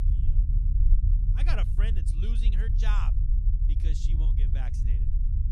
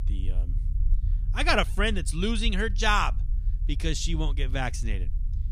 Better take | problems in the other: second | low rumble; loud; throughout; 5 dB below the speech; faint in the second

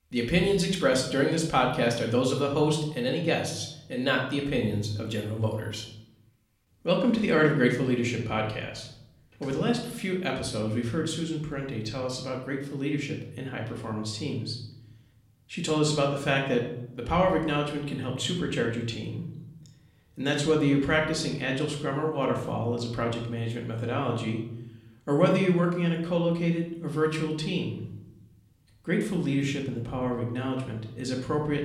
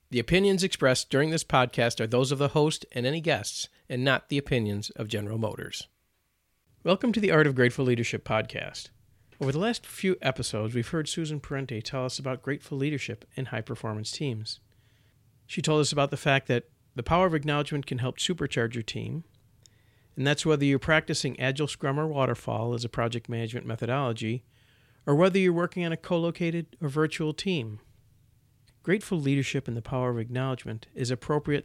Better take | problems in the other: second | room echo; slight; dies away in 0.7 s // off-mic speech; somewhat distant

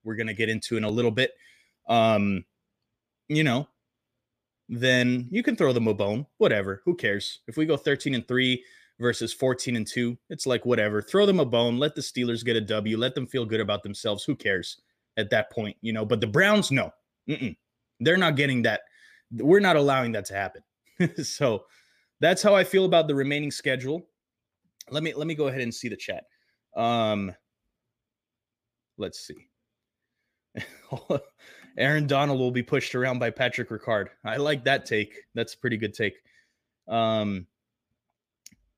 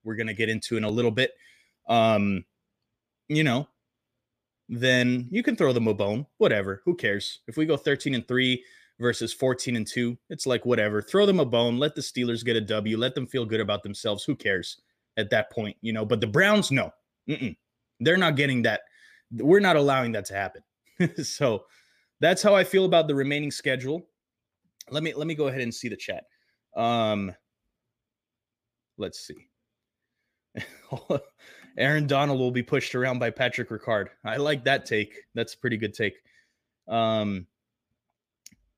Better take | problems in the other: neither | none

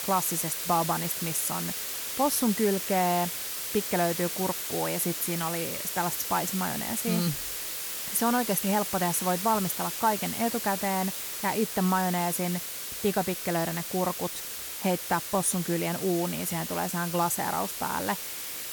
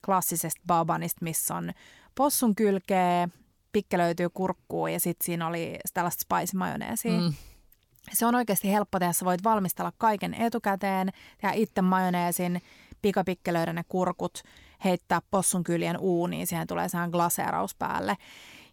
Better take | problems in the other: second | hiss; loud; throughout; 3 dB below the speech

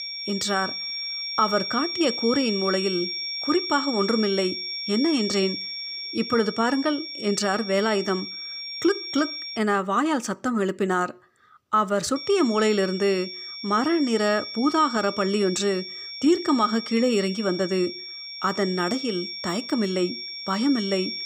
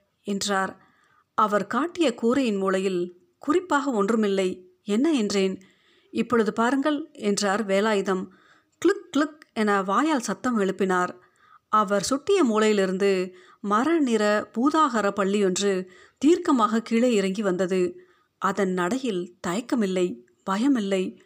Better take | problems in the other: second | high-pitched whine; loud; until 9.5 s and from 12 s on; 5.5 kHz, 6 dB below the speech

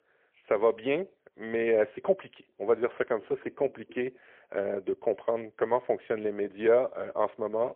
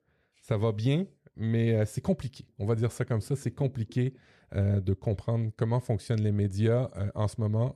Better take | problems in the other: second | phone-call audio; poor line; nothing above 3.5 kHz

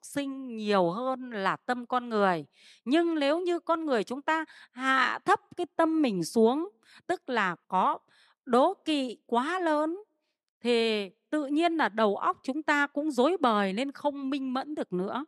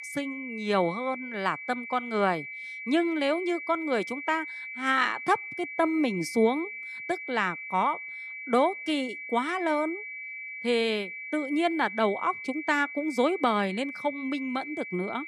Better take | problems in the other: first | high-pitched whine; loud; throughout; 2.5 kHz, 8 dB below the speech

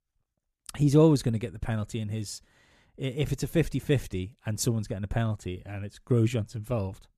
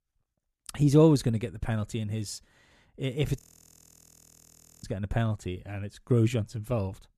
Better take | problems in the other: first | audio freezing; at 3.5 s for 1.5 s

